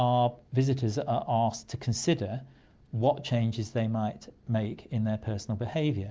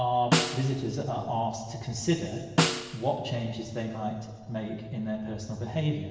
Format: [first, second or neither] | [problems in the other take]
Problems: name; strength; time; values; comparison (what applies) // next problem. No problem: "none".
first | background sound (Snare drum); 1 dB below the speech // room echo; dies away in 1.4 s